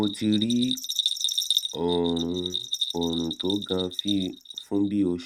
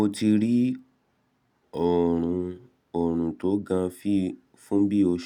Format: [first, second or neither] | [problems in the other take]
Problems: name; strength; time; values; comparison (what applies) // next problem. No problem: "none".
second | noise reduction (neural mask model RNNoise)